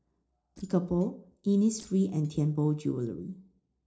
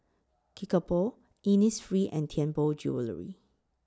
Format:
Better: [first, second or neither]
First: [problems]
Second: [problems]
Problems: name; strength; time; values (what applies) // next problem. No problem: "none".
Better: second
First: noise reduction (neural separator model SepFormer DNS4)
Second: none